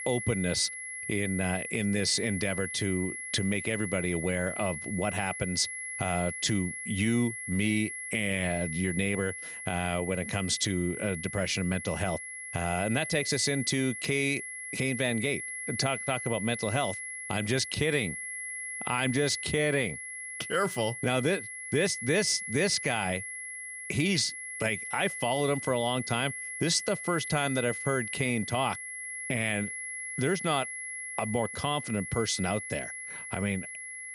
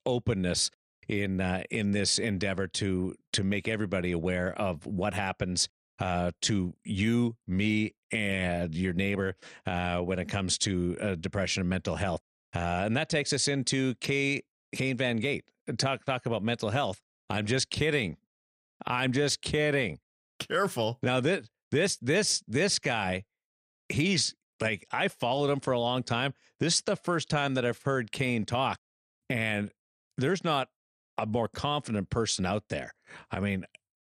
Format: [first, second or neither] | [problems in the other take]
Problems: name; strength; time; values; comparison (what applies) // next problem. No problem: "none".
second | high-pitched whine; loud; throughout; 2 kHz, 6 dB below the speech